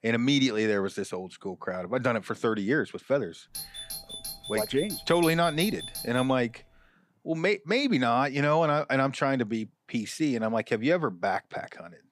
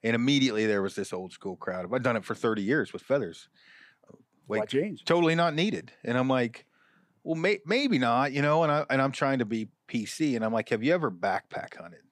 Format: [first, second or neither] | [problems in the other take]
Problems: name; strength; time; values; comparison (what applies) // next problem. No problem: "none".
second | doorbell; noticeable; from 3.5 to 6.5 s; peak 8 dB below the speech